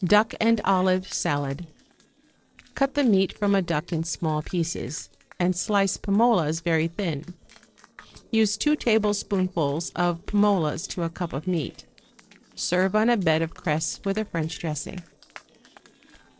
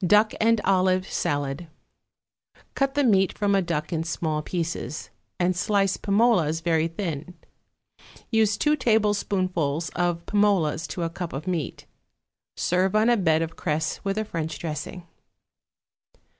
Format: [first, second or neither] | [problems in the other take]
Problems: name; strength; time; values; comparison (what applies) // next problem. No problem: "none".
second | noise reduction (neural separator model SepFormer DNS4)